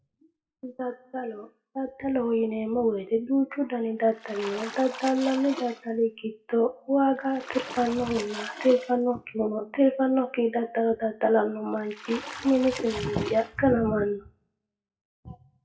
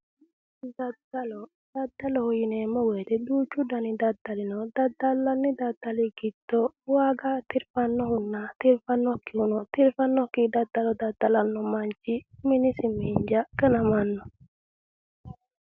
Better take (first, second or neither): second